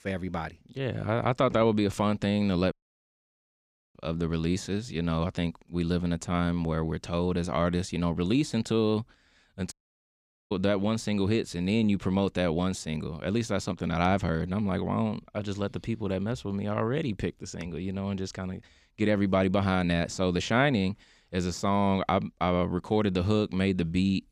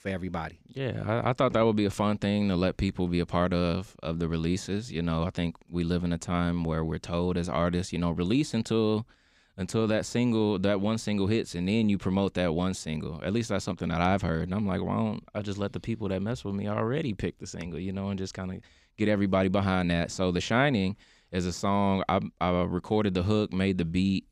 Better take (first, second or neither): second